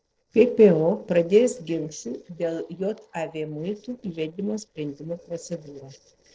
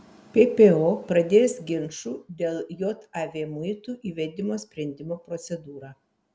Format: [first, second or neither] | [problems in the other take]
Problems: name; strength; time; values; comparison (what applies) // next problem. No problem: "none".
second | noise reduction (neural separator model SepFormer DNS4)